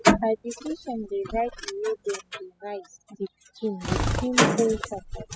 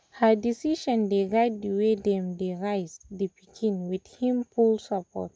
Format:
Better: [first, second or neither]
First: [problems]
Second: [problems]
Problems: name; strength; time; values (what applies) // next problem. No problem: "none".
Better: second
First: noise reduction (classical method spectral subtraction)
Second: none